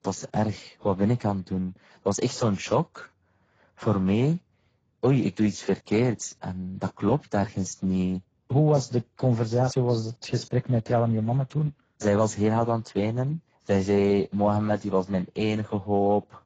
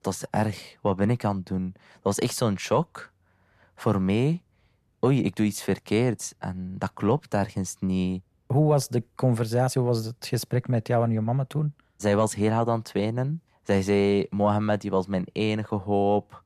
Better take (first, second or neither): second